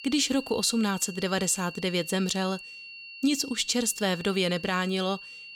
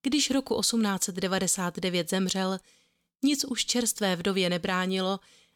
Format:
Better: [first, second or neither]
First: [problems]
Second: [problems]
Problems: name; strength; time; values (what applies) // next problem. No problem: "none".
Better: second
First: high-pitched whine; noticeable; throughout; 2.5 kHz, 15 dB below the speech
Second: none